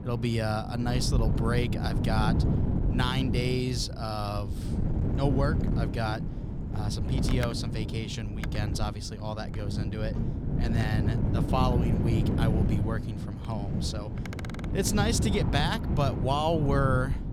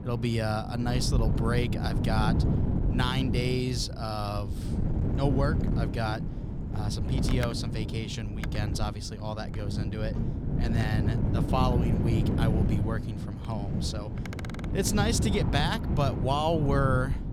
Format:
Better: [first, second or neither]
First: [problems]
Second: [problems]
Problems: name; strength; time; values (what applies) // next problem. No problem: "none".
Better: neither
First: wind noise on the microphone; heavy; 6 dB below the speech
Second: wind noise on the microphone; heavy; 6 dB below the speech